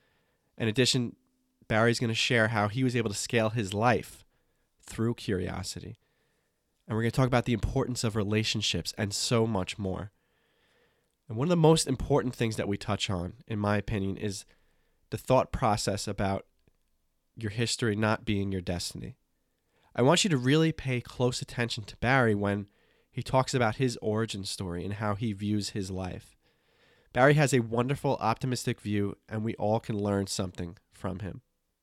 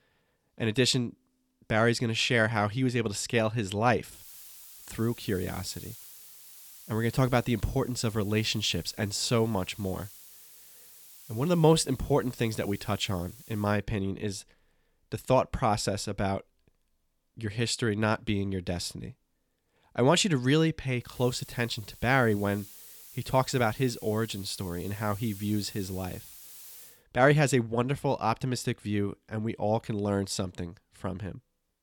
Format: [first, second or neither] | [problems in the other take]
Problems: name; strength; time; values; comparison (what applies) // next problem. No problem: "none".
first | hiss; noticeable; from 4 to 14 s and from 21 to 27 s; 20 dB below the speech